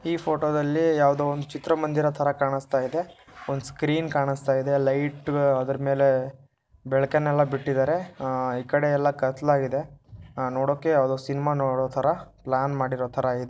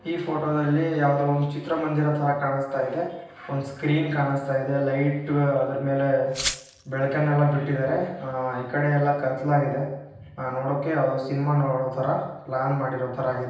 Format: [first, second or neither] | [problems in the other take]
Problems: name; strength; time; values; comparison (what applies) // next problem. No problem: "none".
first | background sound (Glass); 8 dB below the speech // room echo; dies away in 0.9 s